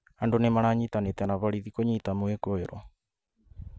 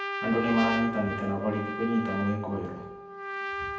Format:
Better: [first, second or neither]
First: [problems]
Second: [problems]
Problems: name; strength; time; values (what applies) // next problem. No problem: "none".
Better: first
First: none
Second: background sound (Trumpet); 5 dB below the speech // room echo; dies away in 0.9 s